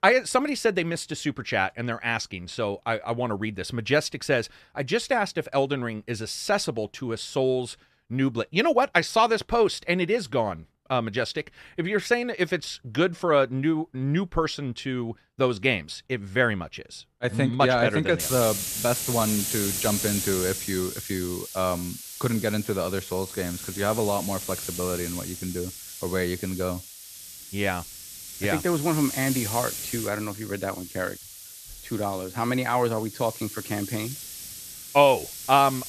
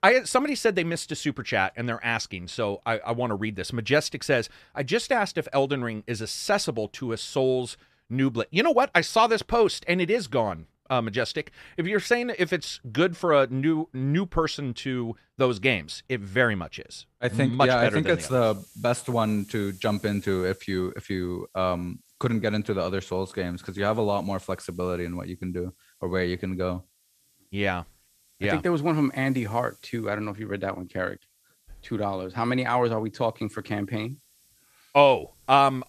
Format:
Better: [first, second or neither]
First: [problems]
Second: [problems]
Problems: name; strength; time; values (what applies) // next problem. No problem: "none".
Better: second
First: hiss; loud; from 18 s on; 7 dB below the speech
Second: hiss; faint; from 18 s on; 30 dB below the speech